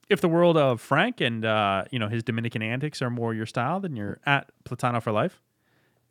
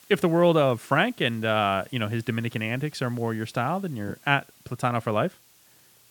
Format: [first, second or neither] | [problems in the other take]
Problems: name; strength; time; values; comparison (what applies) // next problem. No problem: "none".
first | hiss; faint; throughout; 25 dB below the speech